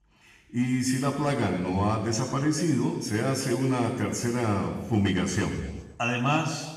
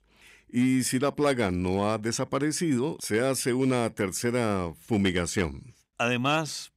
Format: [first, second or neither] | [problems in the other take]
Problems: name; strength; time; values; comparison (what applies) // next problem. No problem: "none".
second | room echo; noticeable; dies away in 1.1 s // off-mic speech; far